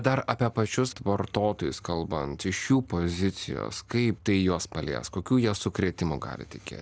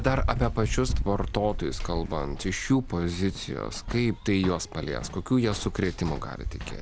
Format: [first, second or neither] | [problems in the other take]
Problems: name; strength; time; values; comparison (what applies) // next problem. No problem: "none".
first | background sound (Run); 5 dB below the speech